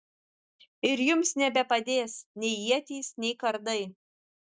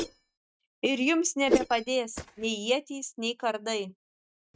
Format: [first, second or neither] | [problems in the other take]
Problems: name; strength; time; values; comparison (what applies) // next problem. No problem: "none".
first | noise reduction (neural mask model RNNoise)